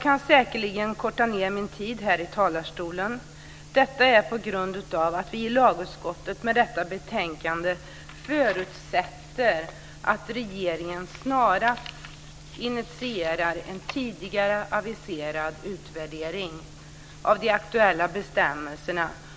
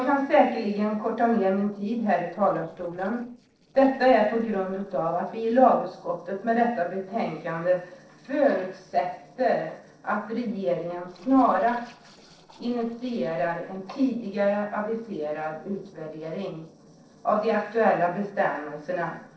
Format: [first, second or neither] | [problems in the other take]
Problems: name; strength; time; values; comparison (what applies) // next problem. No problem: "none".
first | noise reduction (neural separator model SepFormer DNS4)